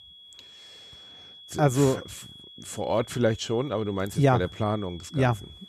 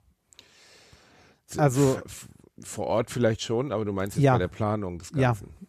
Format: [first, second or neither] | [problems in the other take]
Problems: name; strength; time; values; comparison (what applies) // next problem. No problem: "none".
second | high-pitched whine; noticeable; throughout; 3.5 kHz, 20 dB below the speech